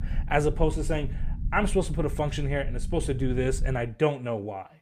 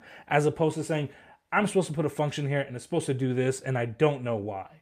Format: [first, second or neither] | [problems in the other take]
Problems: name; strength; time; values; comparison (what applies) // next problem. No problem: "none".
second | low rumble; faint; until 4 s; 20 dB below the speech